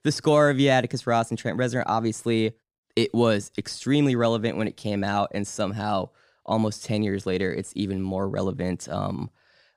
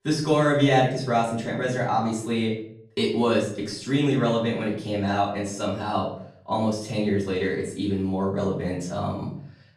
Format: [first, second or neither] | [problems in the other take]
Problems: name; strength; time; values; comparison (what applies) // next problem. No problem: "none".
first | off-mic speech; far // room echo; noticeable; dies away in 0.5 s